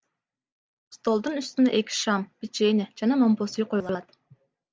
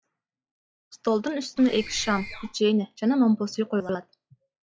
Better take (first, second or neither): first